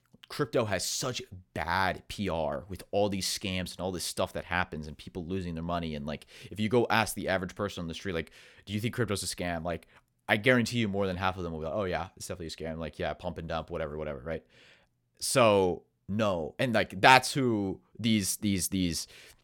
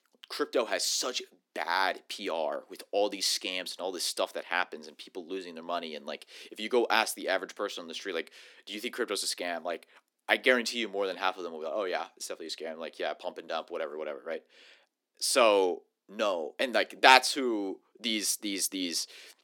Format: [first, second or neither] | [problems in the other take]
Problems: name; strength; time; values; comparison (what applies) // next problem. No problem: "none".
first | thin; somewhat; fading below 250 Hz